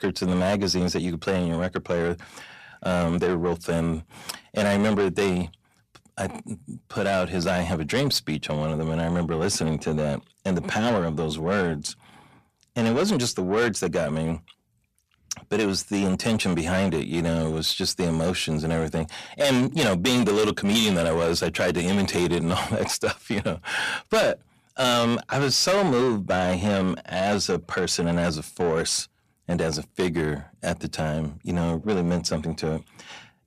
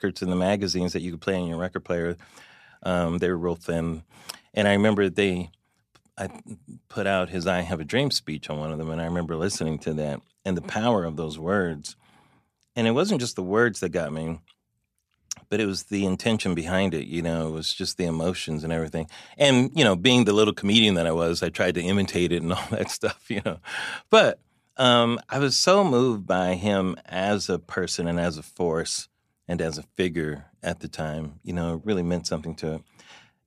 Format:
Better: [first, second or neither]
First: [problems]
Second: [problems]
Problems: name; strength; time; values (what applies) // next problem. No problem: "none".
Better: second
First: distortion; heavy; 6 dB below the speech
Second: none